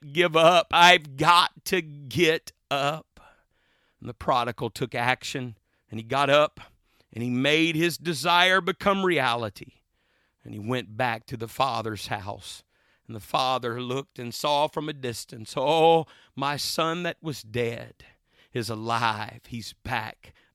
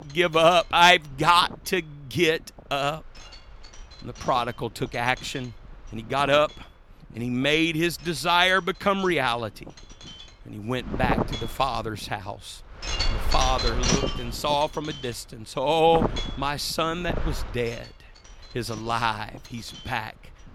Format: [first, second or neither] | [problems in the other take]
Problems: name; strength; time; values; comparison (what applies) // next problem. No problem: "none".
first | wind noise on the microphone; occasional gusts; 10 dB below the speech